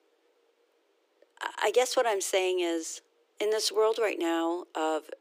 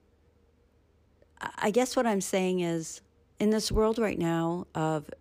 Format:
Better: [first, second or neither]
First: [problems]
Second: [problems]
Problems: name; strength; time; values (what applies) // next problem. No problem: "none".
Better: second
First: thin; very; fading below 350 Hz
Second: none